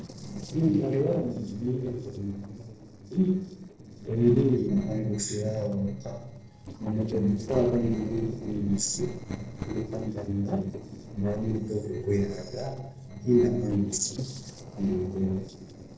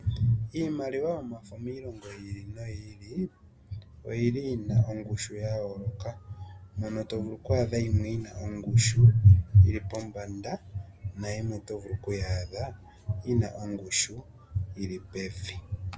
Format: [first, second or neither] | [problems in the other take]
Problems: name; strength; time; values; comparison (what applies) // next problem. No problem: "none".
second | noise reduction (neural separator model SepFormer DNS4)